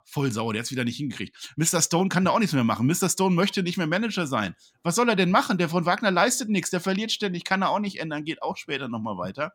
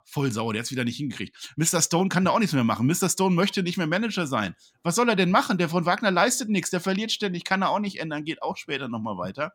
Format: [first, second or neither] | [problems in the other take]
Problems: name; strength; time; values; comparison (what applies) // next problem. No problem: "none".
neither | none